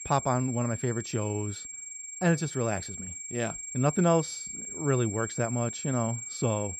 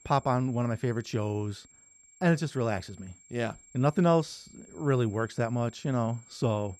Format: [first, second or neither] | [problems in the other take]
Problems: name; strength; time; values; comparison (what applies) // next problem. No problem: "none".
second | high-pitched whine; loud; throughout; 7.5 kHz, 7 dB below the speech; faint in the second